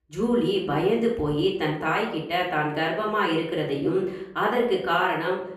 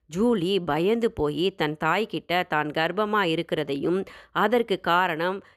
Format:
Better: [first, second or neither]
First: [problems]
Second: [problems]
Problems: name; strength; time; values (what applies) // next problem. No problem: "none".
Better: second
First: off-mic speech; far // room echo; slight; dies away in 0.6 s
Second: none